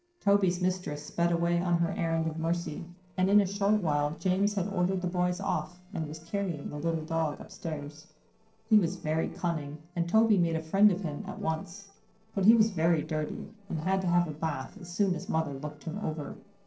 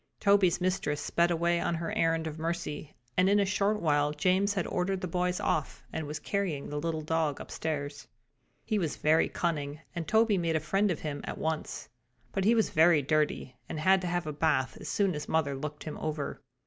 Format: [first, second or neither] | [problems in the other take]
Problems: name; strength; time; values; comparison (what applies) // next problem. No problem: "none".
second | noise reduction (neural separator model SepFormer DNS4)